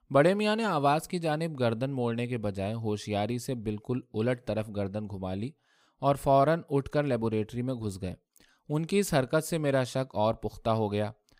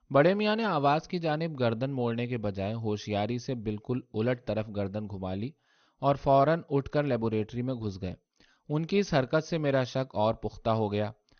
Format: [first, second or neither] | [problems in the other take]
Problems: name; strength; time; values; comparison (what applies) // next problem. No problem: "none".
first | garbled, watery; slightly; nothing above 6.5 kHz